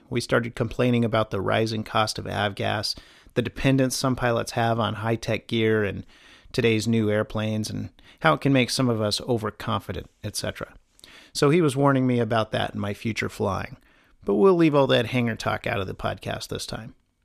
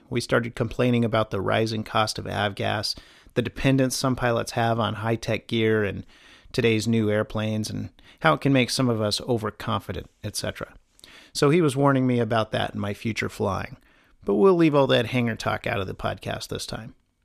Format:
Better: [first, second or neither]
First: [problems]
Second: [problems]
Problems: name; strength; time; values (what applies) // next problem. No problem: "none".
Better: neither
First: none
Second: none